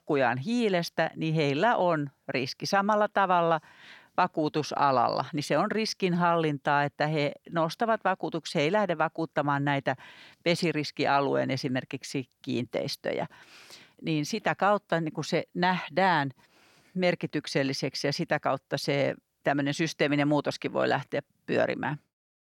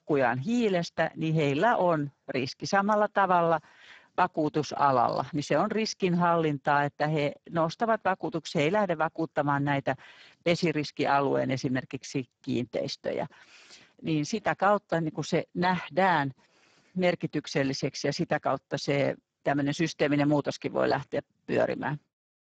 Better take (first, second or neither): first